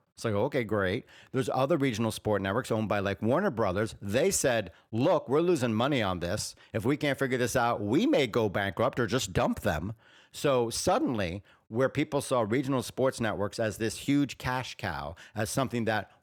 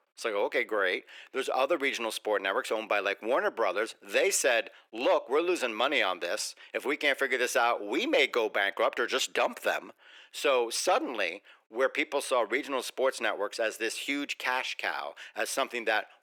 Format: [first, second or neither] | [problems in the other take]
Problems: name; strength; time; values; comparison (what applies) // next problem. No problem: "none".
first | thin; somewhat; fading below 350 Hz